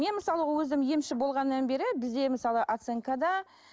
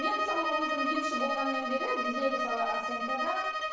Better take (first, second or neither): first